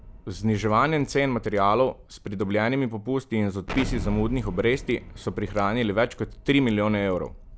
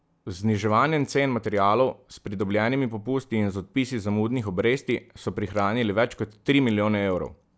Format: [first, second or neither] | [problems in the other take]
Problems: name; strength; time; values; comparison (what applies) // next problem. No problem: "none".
second | background sound (Explosion); 13 dB below the speech